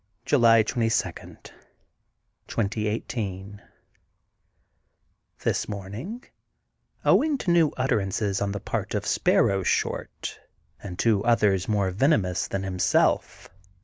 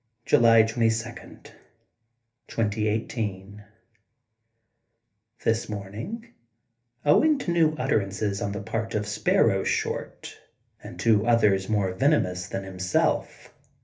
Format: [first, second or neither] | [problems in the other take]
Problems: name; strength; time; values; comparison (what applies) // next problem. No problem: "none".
first | room echo; dies away in 0.3 s